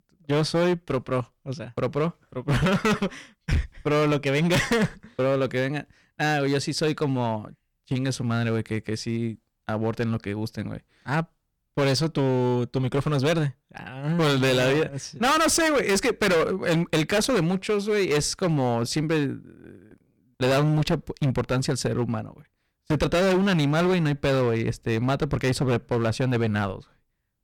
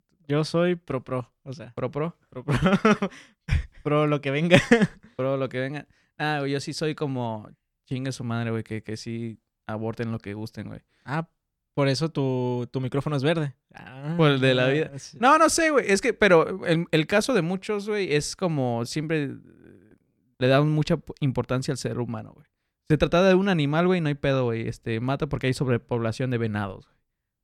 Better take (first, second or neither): second